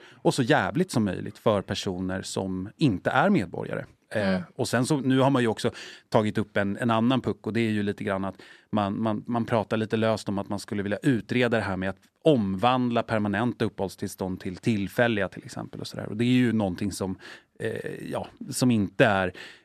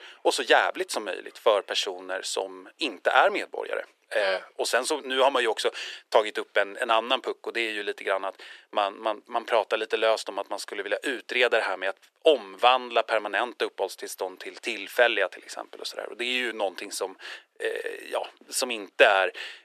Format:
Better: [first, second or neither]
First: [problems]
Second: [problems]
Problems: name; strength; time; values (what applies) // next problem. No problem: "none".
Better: first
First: none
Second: thin; very; fading below 400 Hz